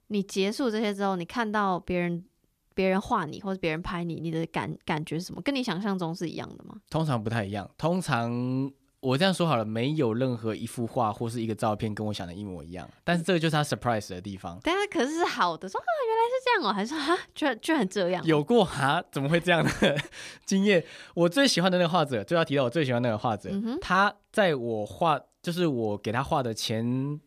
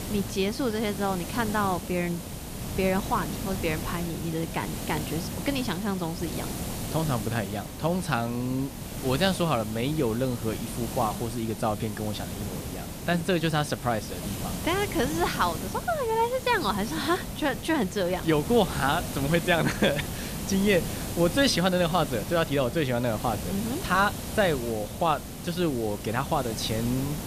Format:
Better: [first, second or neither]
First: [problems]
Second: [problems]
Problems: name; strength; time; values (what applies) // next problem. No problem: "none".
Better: first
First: none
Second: hiss; loud; throughout; 7 dB below the speech